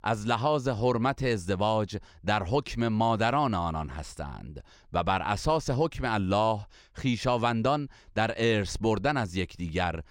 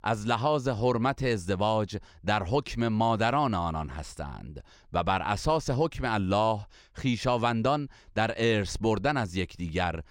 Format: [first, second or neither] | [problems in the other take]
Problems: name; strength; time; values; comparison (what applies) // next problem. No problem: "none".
neither | none